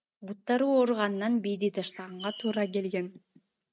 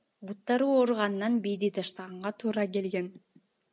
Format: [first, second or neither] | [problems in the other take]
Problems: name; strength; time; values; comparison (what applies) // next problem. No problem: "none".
second | noise reduction (neural mask model RNNoise)